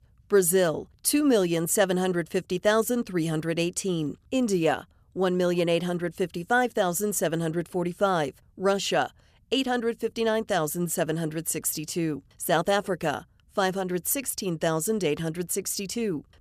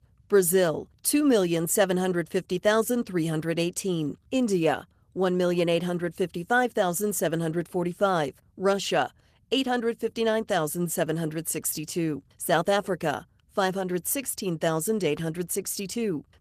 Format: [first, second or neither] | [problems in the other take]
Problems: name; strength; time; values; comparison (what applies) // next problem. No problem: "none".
first | garbled, watery; slightly; nothing above 14.5 kHz